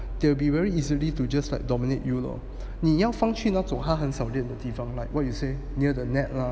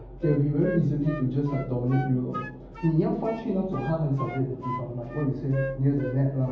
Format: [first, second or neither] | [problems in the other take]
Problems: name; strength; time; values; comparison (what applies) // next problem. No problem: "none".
first | background sound (Wind instrument, woodwind instrument); 12 dB below the speech // room echo; dies away in 0.7 s